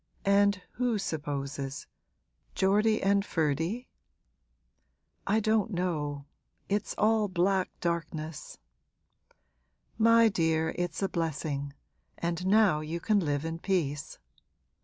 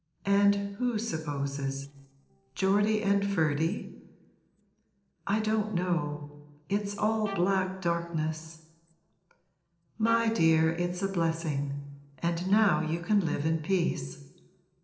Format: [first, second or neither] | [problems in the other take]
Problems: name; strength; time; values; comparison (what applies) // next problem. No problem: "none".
first | noise reduction (neural separator model SepFormer DNS4)